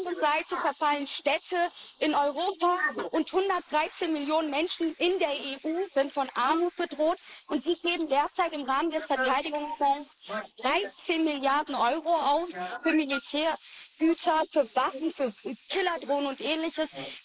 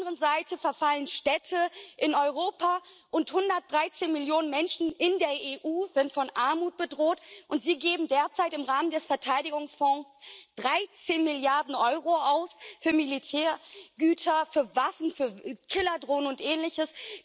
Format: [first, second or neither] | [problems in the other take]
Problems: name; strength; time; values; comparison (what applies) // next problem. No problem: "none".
second | noise reduction (neural mask model Resemble Enhance denoiser)